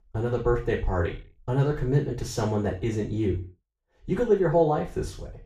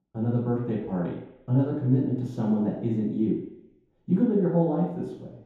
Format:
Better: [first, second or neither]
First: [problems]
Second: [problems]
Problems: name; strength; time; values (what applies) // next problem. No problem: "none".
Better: first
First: room echo; slight; dies away in 0.4 s // off-mic speech; far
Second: room echo; strong; dies away in 0.8 s // off-mic speech; far